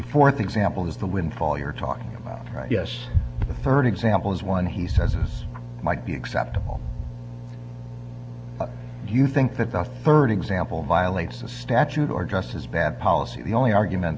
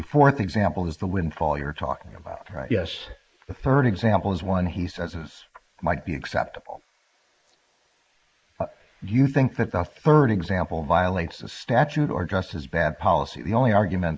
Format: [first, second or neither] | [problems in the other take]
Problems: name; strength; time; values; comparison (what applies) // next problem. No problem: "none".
first | noise reduction (neural mask model Resemble Enhance denoiser)